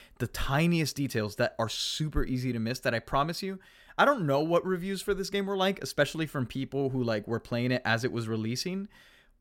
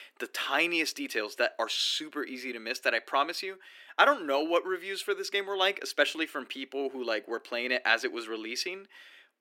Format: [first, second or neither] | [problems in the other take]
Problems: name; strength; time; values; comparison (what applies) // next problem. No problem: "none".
first | thin; somewhat; fading below 300 Hz